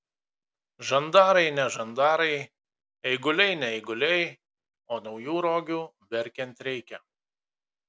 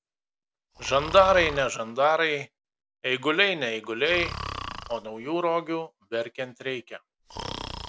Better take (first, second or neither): first